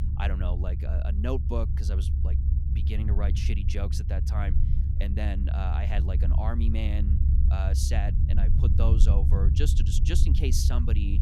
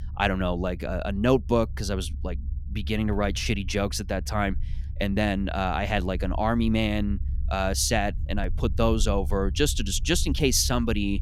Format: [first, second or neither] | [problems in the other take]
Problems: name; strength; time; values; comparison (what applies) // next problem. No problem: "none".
second | low rumble; loud; throughout; 5 dB below the speech; faint in the second